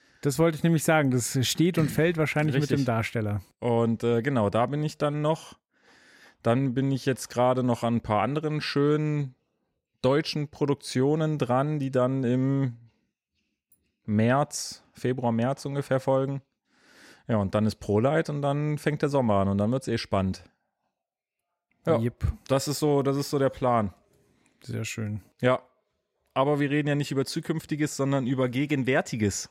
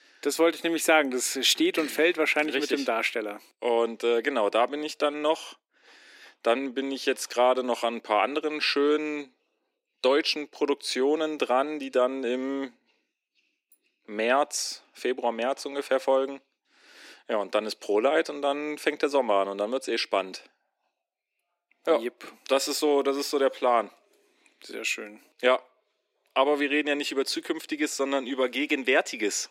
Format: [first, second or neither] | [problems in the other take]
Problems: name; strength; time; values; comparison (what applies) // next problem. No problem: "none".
first | thin; somewhat; fading below 300 Hz